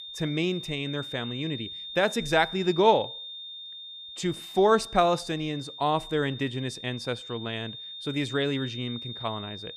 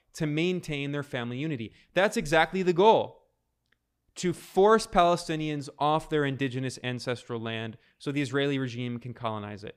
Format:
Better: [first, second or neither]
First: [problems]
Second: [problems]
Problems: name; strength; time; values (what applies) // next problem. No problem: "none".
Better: second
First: high-pitched whine; noticeable; throughout; 3.5 kHz, 10 dB below the speech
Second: none